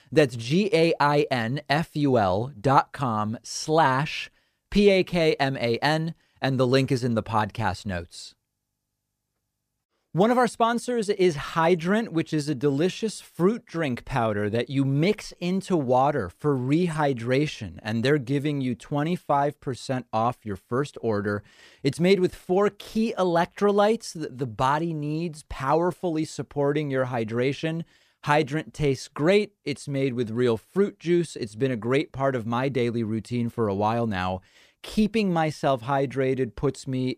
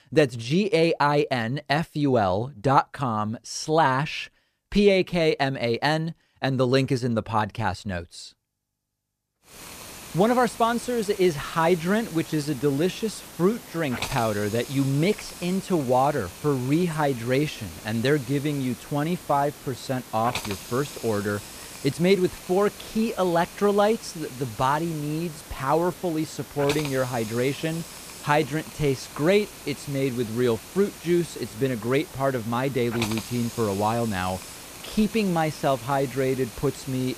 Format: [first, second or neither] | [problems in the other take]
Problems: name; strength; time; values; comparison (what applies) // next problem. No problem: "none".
first | hiss; noticeable; from 9.5 s on; 15 dB below the speech